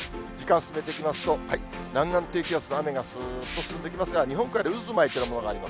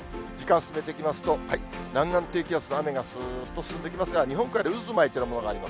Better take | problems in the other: second | background sound (Liquid); 17 dB below the speech

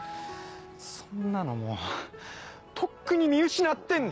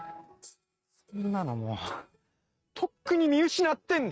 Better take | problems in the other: first | noise reduction (neural mask model RNNoise)

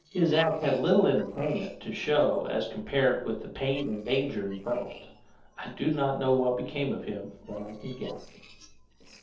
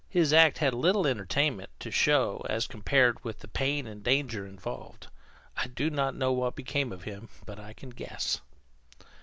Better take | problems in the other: second | noise reduction (neural separator model SepFormer DNS4)

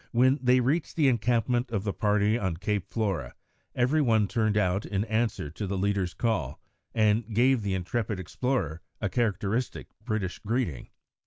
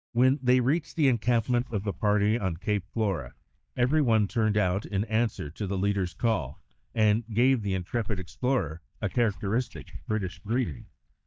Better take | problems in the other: first | noise reduction (neural mask model DeepFilterNet 3)

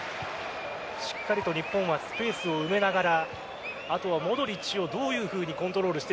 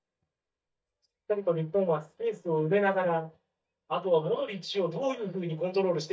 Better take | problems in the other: first | noise reduction (neural mask model DeepFilterNet 3)

